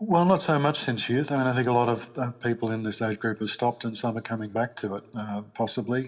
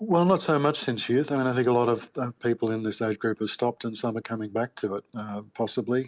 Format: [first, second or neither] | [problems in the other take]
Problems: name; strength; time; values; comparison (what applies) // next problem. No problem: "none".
second | room echo; dies away in 0.4 s